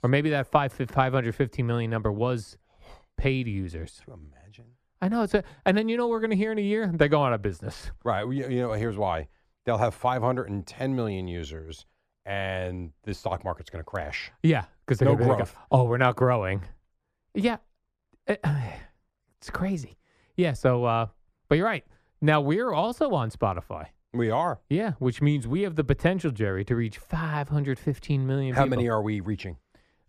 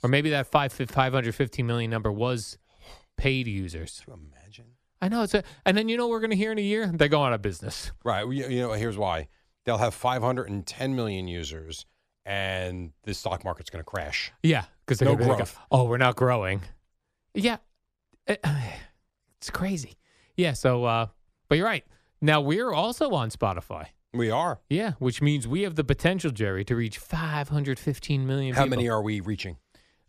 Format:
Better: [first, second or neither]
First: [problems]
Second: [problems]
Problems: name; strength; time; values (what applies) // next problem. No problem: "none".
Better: second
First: muffled; slightly; fading above 2.5 kHz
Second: none